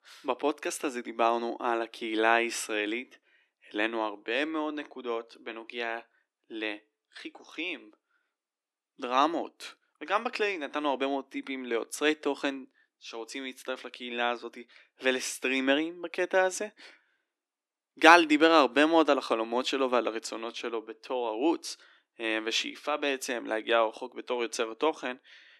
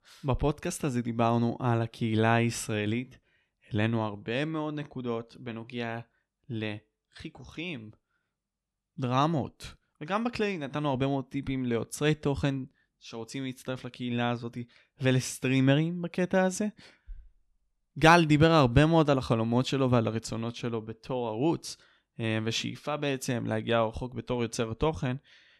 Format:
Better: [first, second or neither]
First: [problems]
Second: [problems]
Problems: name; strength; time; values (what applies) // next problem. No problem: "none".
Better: second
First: thin; somewhat; fading below 300 Hz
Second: none